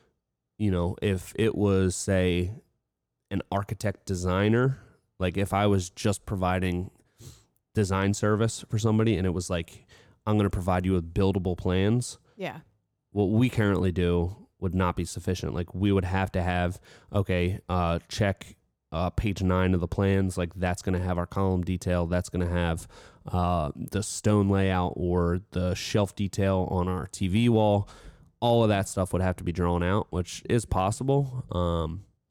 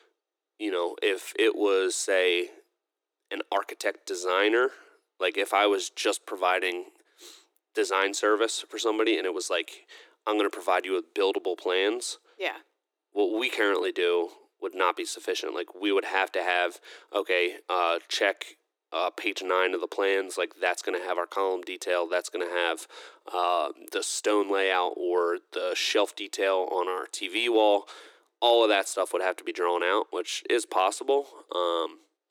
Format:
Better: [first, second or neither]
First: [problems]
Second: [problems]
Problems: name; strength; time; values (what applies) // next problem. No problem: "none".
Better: first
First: none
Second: thin; very; fading below 300 Hz